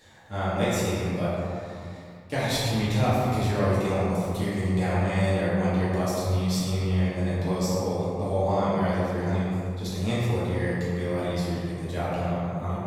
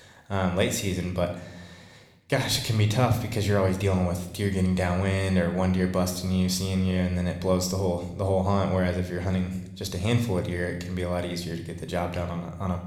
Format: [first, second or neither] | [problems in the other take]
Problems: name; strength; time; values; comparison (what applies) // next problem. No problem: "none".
second | room echo; strong; dies away in 2.3 s; slight in the second // off-mic speech; far